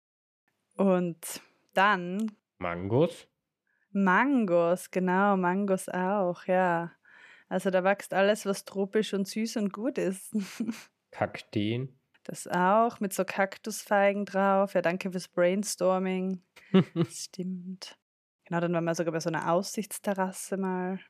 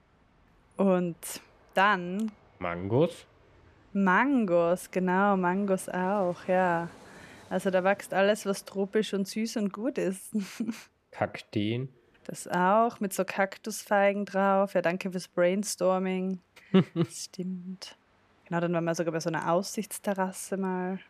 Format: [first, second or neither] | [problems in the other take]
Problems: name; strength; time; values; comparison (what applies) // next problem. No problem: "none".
first | train or aircraft noise; faint; throughout; 30 dB below the speech